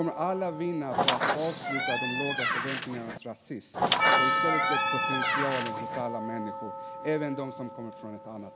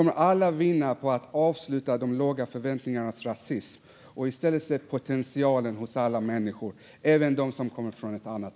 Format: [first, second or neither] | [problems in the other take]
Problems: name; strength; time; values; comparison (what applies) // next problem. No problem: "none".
second | background sound (Percussion + Squeak); 4 dB above the speech